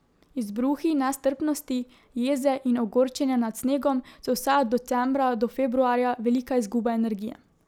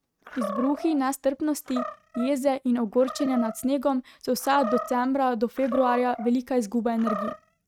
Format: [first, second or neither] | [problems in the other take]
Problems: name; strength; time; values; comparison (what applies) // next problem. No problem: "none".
first | noise reduction (neural mask model RNNoise)